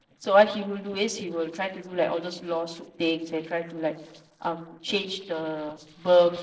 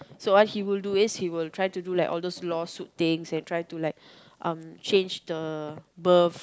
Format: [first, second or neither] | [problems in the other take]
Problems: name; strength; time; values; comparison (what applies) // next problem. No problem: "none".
second | noise reduction (neural separator model SepFormer DNS4)